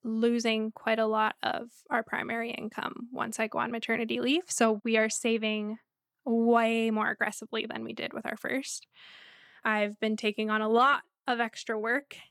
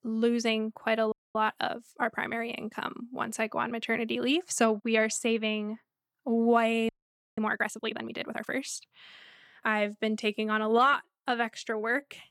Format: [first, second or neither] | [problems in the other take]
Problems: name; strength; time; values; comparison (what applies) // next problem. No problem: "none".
first | audio freezing; at 1 s and at 7 s